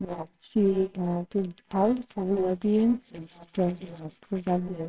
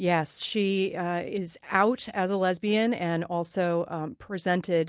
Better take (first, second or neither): second